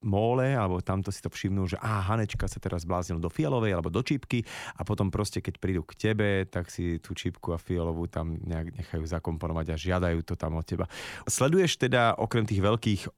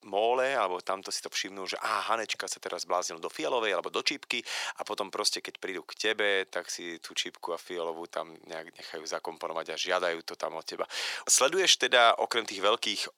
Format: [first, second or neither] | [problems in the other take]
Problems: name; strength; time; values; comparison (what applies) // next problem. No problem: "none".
first | thin; very; fading below 500 Hz